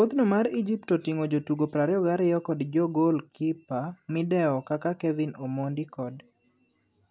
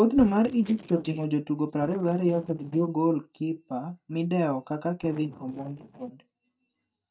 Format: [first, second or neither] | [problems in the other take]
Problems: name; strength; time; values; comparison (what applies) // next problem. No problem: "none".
first | noise reduction (neural mask model DeepFilterNet 3)